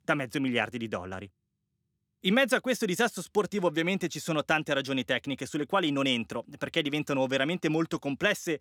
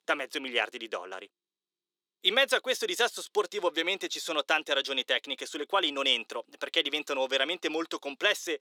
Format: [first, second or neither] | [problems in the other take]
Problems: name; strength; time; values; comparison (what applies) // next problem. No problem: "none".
first | thin; somewhat; fading below 400 Hz